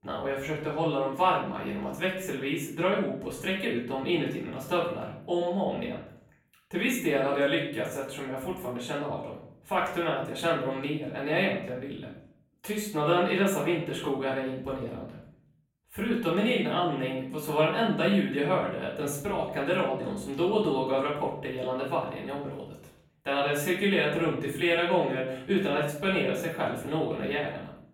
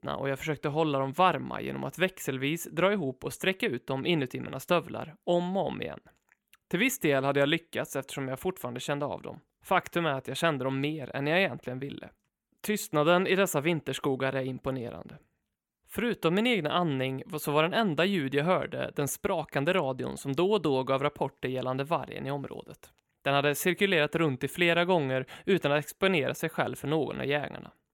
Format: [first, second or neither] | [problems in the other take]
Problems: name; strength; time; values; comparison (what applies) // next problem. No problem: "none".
second | off-mic speech; far // room echo; noticeable; dies away in 0.6 s